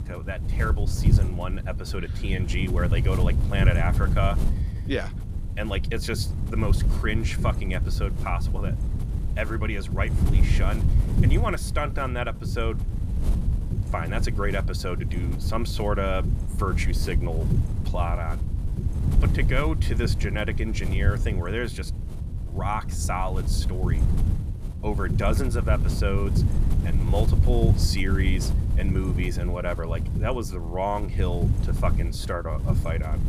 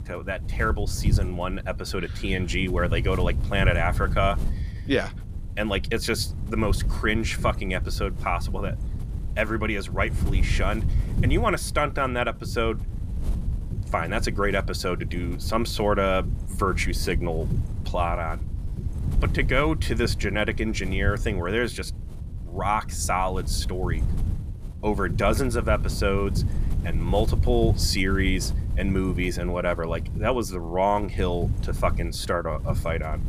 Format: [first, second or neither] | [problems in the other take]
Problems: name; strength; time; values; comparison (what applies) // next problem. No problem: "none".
second | wind noise on the microphone; heavy; 8 dB below the speech; occasional gusts in the second